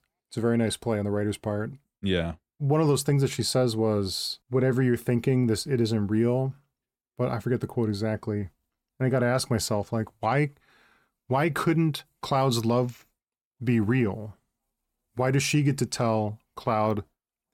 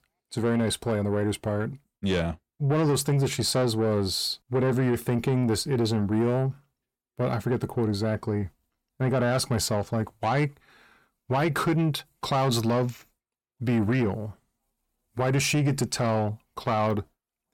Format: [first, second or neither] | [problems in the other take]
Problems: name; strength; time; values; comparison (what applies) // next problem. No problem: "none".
first | distortion; slight; 10 dB below the speech